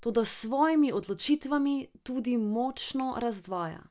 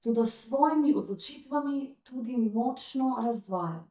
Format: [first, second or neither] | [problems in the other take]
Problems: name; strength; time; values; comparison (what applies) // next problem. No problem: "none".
first | noise reduction (neural mask model DeepFilterNet 3)